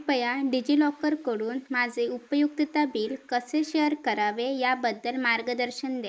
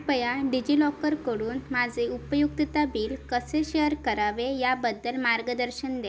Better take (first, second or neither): second